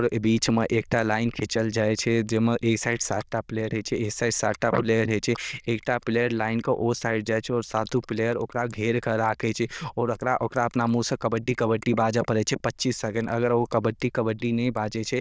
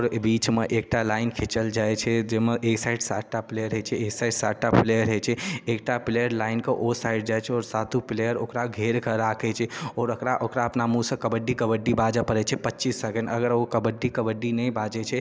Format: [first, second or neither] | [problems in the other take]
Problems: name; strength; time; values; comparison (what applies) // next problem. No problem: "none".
second | noise reduction (neural diffusion model UNIVERSE++)